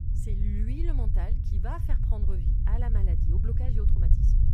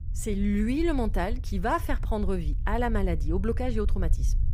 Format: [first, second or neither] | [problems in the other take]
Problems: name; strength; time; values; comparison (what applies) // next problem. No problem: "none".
second | low rumble; loud; throughout; 1 dB below the speech; faint in the second